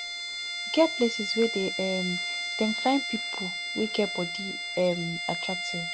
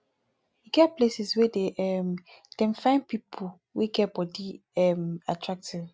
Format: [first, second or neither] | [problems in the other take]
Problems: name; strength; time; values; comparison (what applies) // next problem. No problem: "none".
second | background sound (Bowed string instrument); 4 dB below the speech